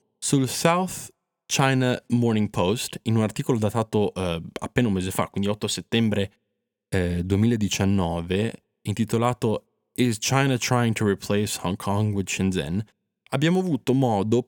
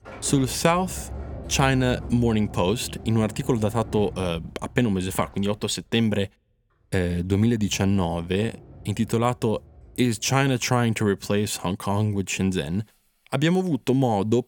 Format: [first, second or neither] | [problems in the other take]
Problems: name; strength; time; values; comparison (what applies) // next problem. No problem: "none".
first | household noises; noticeable; throughout; 15 dB below the speech